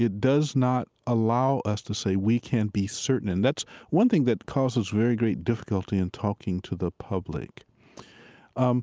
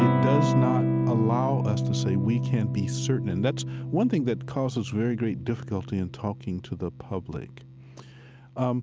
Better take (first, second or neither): first